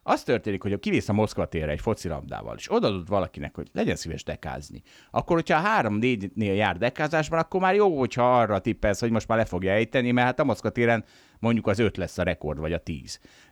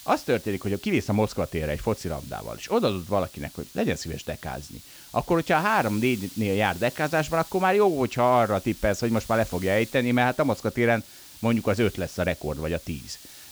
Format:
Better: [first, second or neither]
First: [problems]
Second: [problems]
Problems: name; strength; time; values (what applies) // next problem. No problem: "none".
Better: first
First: none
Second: hiss; noticeable; throughout; 20 dB below the speech